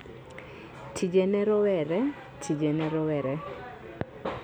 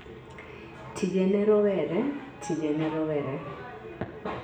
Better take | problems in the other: first | room echo; dies away in 0.6 s

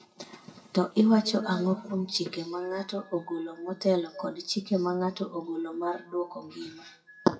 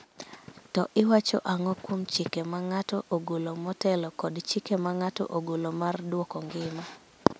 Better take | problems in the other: second | noise reduction (classical method WPE with log-MMSE)

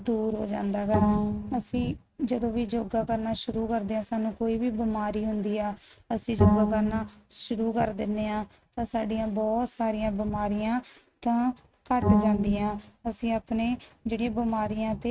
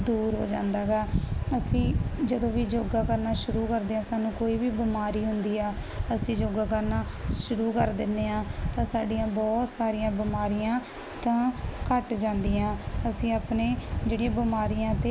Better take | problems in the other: second | noise reduction (neural mask model RNNoise)

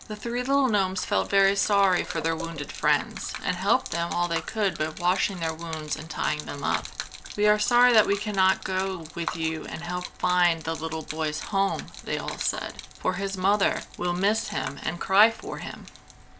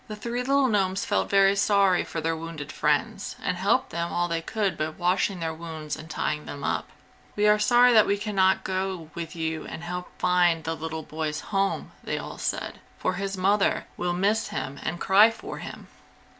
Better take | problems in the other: second | background sound (Gurgling / Liquid); 14 dB below the speech

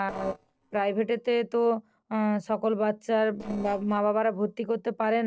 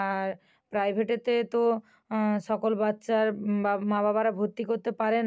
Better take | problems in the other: second | noise reduction (neural separator model SepFormer DNS4)

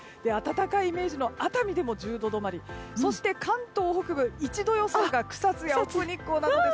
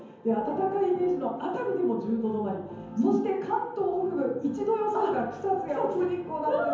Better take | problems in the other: first | room echo; dies away in 0.9 s

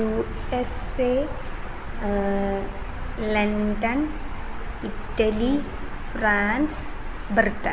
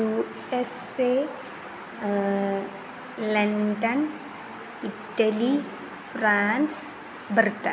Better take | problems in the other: second | background sound (Thunderstorm); 4 dB below the speech

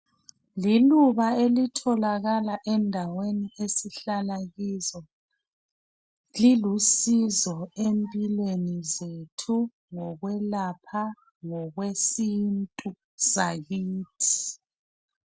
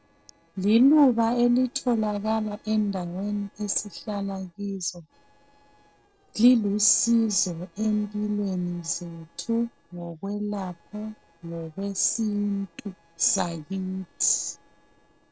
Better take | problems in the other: first | noise reduction (neural separator model SepFormer DNS4)

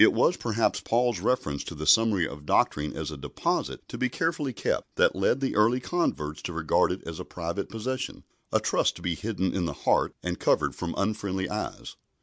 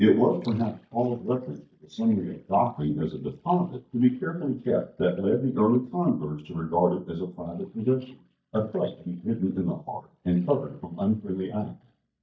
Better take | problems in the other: first | noise reduction (neural mask model DeepFilterNet 3)

